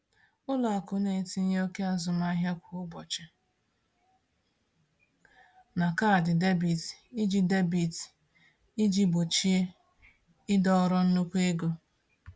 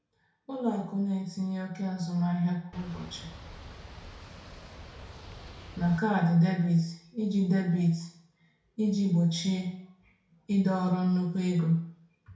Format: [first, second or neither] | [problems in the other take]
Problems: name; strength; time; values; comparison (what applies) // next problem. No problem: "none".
first | background sound (Boat, Water vehicle); 15 dB below the speech // room echo; dies away in 0.6 s